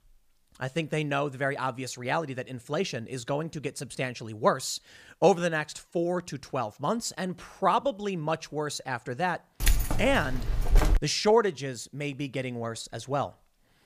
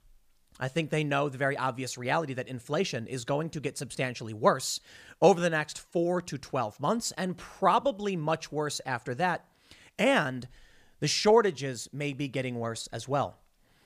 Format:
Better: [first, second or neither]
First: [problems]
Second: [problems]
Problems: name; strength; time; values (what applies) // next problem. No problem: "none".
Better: second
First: jangling keys; loud; from 9.5 to 11 s; peak 3 dB above the speech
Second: none